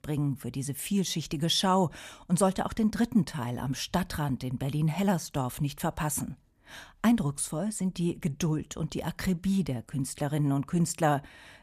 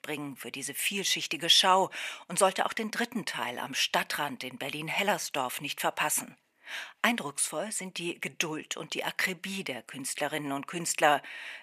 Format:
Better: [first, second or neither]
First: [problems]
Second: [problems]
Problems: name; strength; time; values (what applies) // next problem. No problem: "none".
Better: first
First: none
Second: thin; very; fading below 450 Hz